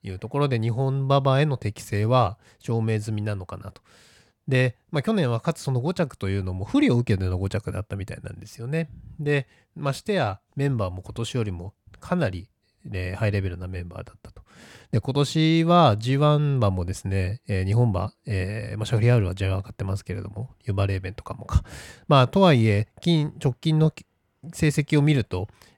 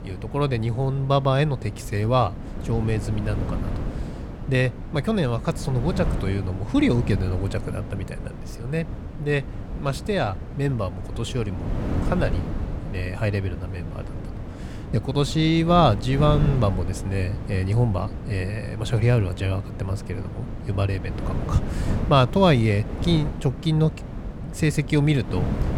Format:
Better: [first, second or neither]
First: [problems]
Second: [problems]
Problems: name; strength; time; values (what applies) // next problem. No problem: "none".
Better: first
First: none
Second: wind noise on the microphone; occasional gusts; 10 dB below the speech